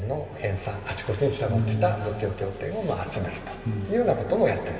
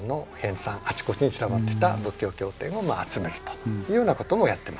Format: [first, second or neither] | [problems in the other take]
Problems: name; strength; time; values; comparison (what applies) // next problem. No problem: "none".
second | room echo; dies away in 2.5 s